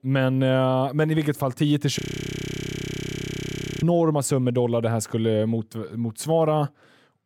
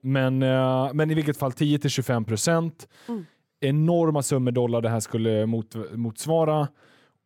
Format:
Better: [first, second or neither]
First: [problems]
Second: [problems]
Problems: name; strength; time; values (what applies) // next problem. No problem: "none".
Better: second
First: audio freezing; at 2 s for 2 s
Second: none